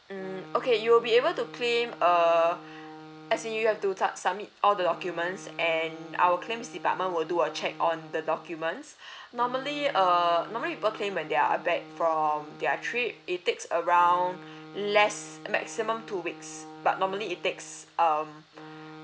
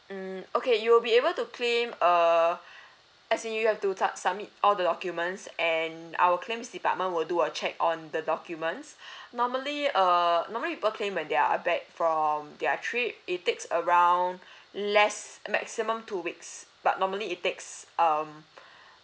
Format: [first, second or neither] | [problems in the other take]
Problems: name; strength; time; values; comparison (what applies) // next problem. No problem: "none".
second | background sound (Wind instrument, woodwind instrument); 18 dB below the speech